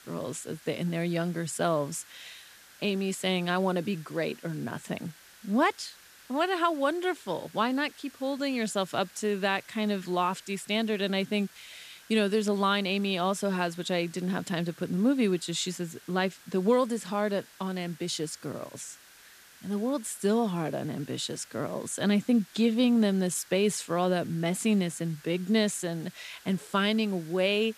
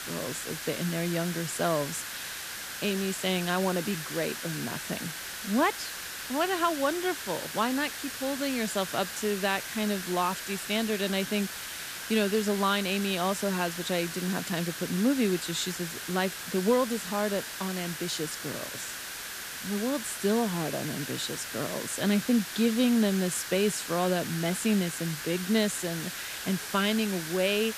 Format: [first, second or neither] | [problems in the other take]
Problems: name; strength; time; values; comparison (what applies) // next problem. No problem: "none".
first | hiss; loud; throughout; 6 dB below the speech; faint in the first